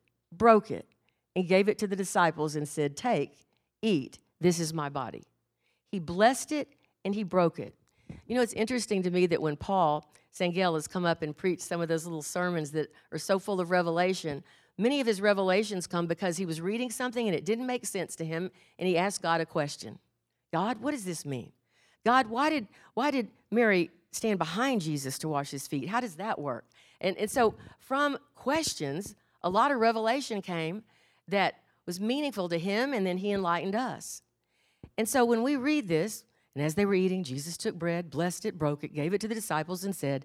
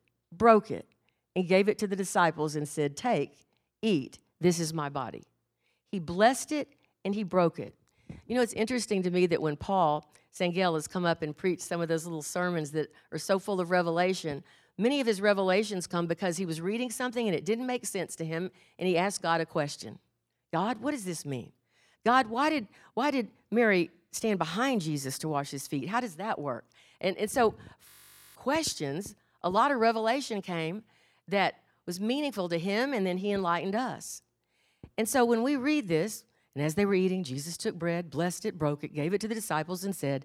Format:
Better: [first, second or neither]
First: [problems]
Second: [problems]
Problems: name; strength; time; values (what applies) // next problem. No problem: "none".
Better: first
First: none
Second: audio freezing; at 28 s